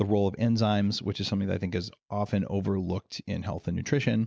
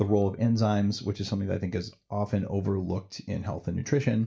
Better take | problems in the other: first | noise reduction (neural mask model DeepFilterNet 3)

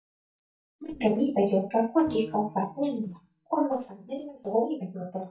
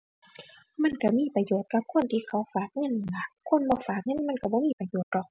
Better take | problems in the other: second | noise reduction (neural mask model DeepFilterNet 3)

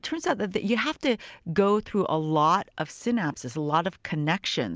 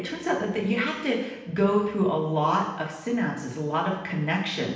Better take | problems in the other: first | room echo; dies away in 0.9 s

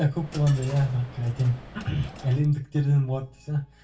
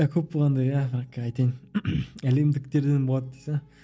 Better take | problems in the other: second | background sound (Coin (dropping)); 17 dB below the speech // room echo; dies away in 0.2 s

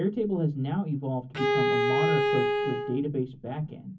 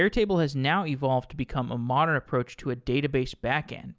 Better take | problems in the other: second | background sound (Bowed string instrument); 3 dB above the speech // room echo; dies away in 0.3 s

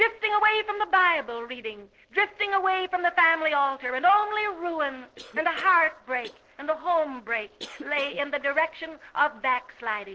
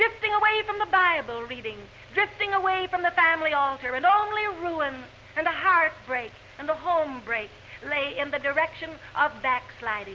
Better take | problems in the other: second | noise reduction (neural separator model SepFormer DNS4)

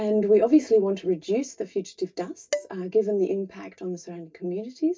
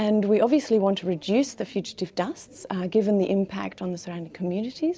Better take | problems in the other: second | noise reduction (neural mask model DeepFilterNet 3)

